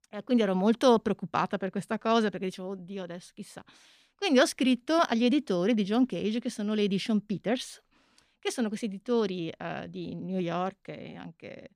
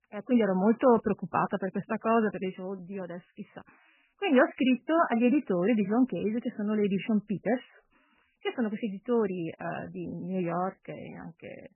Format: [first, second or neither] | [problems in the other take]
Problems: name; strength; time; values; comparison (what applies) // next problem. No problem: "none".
first | garbled, watery; badly; nothing above 3 kHz